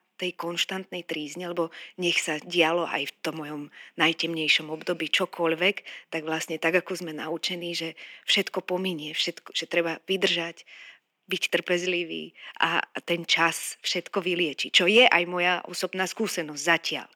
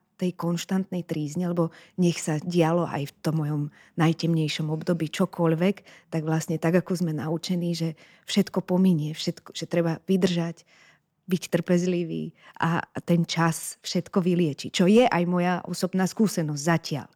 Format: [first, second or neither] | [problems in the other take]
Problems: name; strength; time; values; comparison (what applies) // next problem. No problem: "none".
second | thin; somewhat; fading below 300 Hz